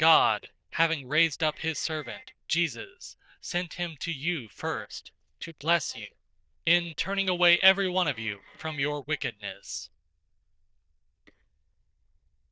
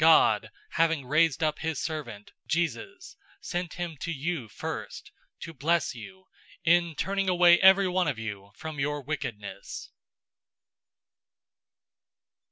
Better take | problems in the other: second | noise reduction (neural diffusion model UNIVERSE++)

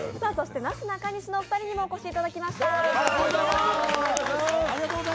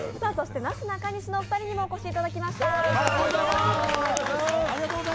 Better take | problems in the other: first | background sound (Truck); 11 dB below the speech

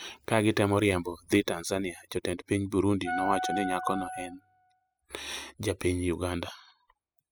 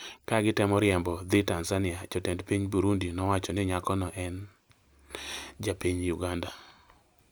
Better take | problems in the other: second | noise reduction (classical method spectral subtraction)

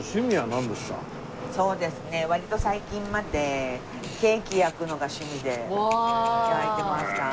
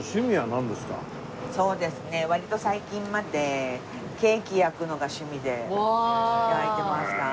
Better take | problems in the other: second | background sound (Camera); 15 dB below the speech

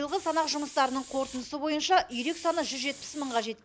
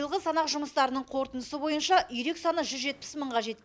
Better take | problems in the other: second | background sound (Hiss); 17 dB below the speech

